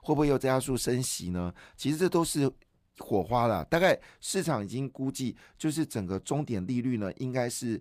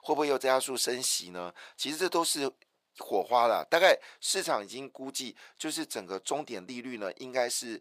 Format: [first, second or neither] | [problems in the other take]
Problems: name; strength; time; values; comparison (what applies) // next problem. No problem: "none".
first | thin; somewhat; fading below 550 Hz